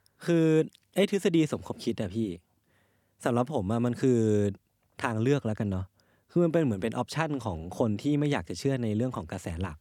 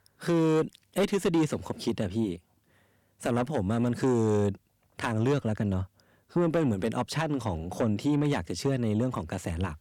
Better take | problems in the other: first | distortion; slight; 10 dB below the speech

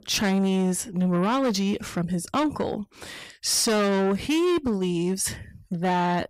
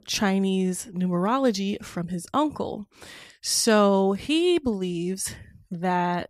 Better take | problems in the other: second | distortion; heavy; 8 dB below the speech

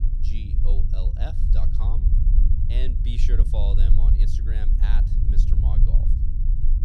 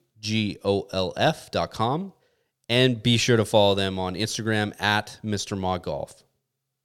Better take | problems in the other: second | low rumble; loud; throughout; 1 dB below the speech

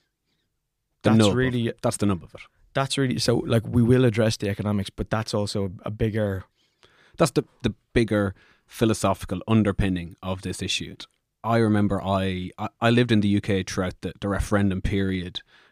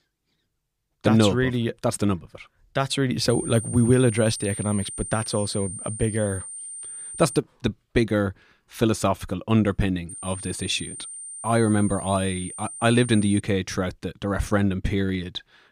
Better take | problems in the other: first | high-pitched whine; loud; from 3.5 to 7.5 s and from 10 to 13 s; 9 kHz, 10 dB below the speech

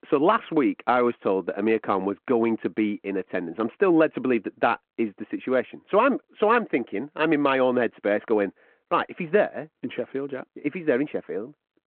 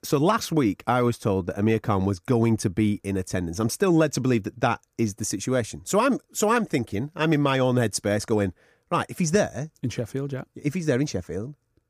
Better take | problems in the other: second | phone-call audio

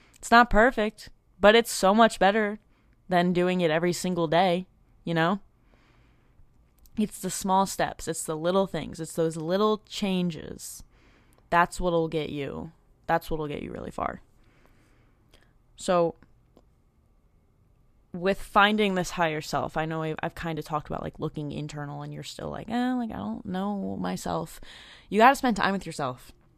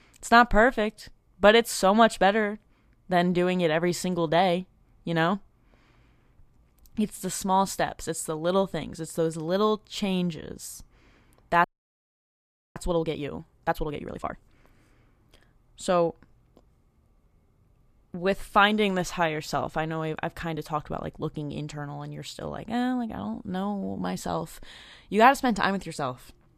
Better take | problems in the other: first | audio freezing; at 12 s for 1 s

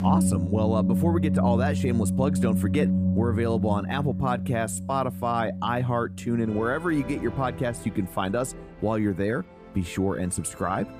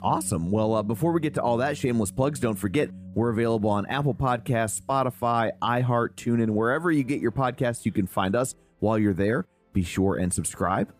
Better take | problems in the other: second | background music; loud; throughout; as loud as the speech; faint in the second

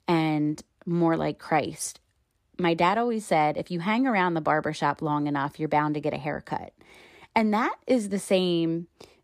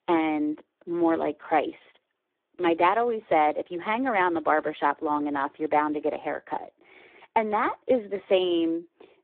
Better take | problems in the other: first | phone-call audio; poor line

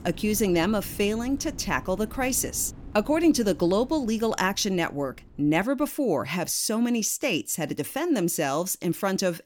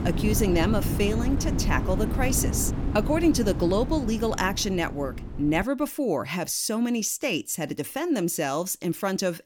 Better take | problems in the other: first | wind noise on the microphone; heavy; until 5.5 s; 9 dB below the speech; occasional gusts in the first

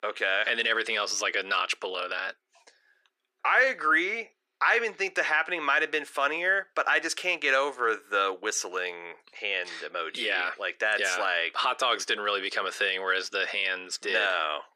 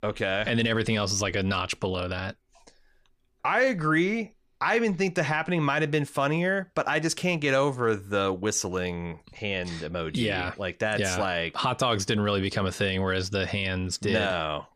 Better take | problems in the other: second | thin; very; fading below 350 Hz

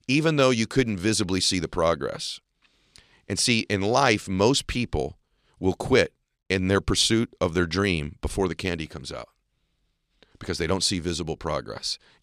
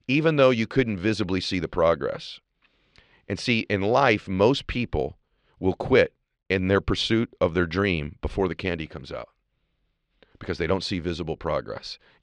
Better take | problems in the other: first | muffled; slightly; fading above 2.5 kHz

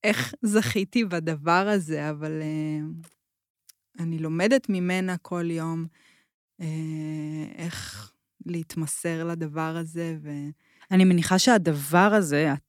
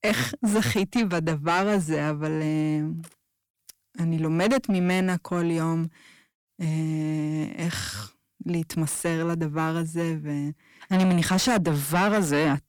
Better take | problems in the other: first | distortion; heavy; 6 dB below the speech

